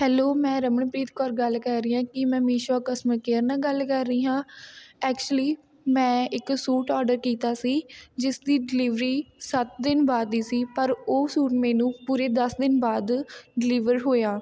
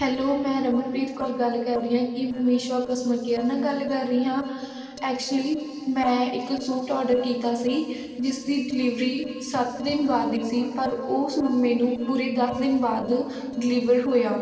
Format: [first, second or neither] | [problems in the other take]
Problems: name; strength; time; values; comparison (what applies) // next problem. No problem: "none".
first | noise reduction (neural separator model SepFormer DNS4)